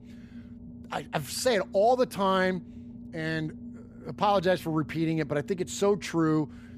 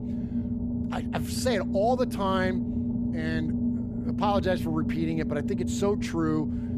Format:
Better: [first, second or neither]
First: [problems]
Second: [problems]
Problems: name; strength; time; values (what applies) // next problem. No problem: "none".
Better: first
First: low rumble; faint; throughout; 25 dB below the speech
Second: low rumble; loud; throughout; 7 dB below the speech